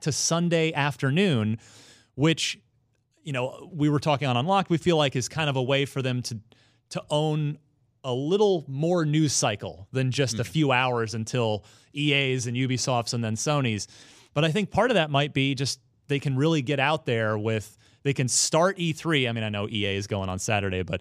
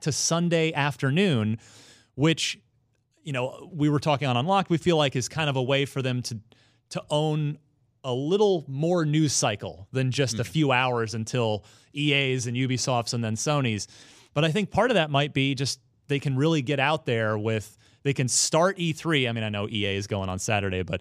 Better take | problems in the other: neither | none

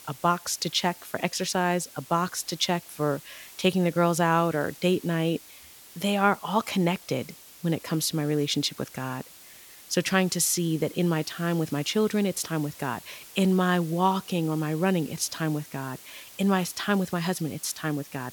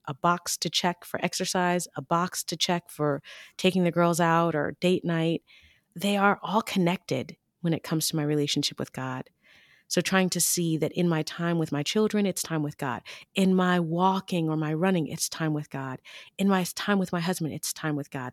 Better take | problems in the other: second | hiss; noticeable; throughout; 20 dB below the speech

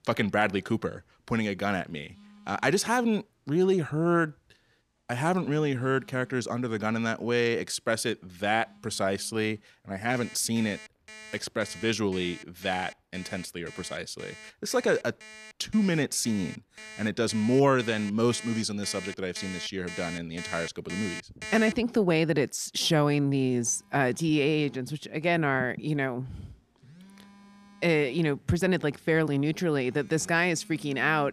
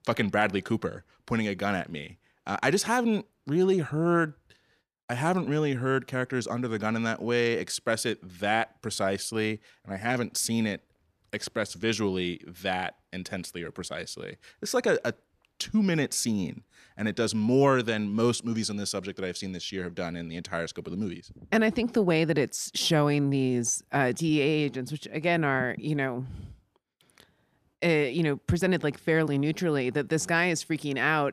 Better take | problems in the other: second | alarms or sirens; noticeable; throughout; 15 dB below the speech

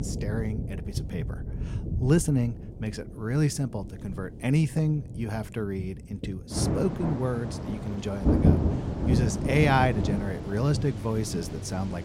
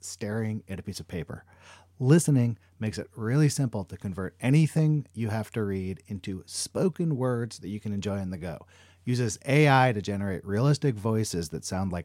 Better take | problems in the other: second | rain or running water; loud; throughout; 2 dB below the speech

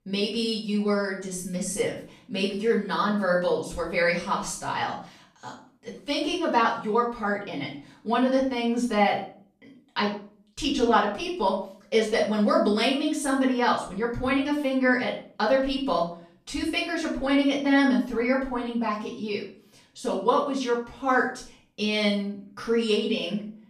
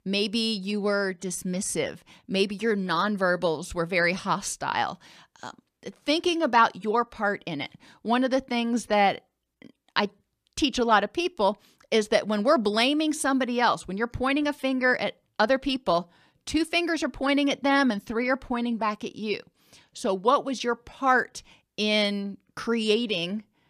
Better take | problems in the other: second | room echo; noticeable; dies away in 0.4 s // off-mic speech; far

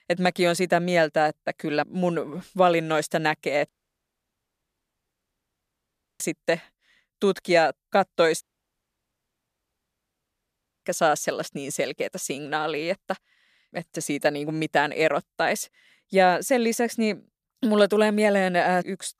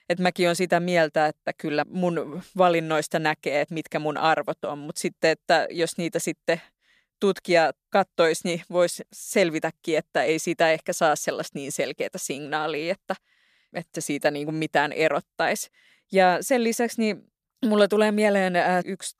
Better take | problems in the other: second | audio cutting out; at 3.5 s for 2.5 s and at 8.5 s for 2.5 s

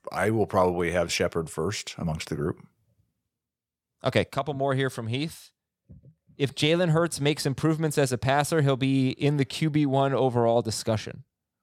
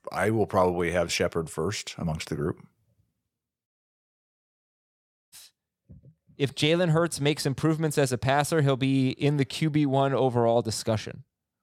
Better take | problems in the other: first | audio cutting out; at 3.5 s for 1.5 s

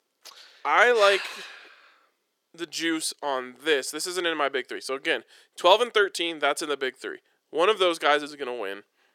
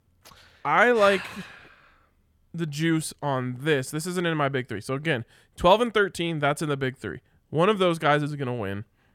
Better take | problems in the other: second | thin; very; fading below 350 Hz

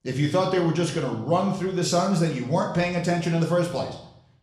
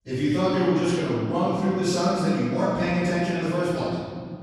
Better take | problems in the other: first | room echo; strong; dies away in 2.2 s; slight in the first // off-mic speech; far; somewhat distant in the first

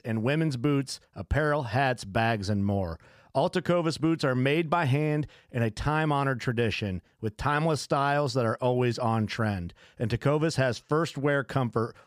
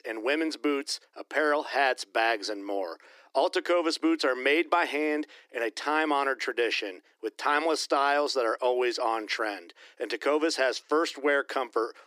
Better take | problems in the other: first | thin; very; fading below 300 Hz

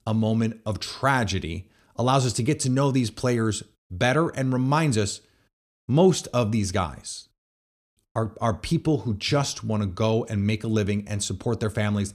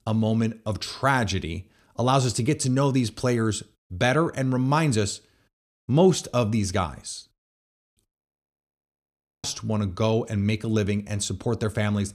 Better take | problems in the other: first | audio freezing; at 8 s for 1.5 s

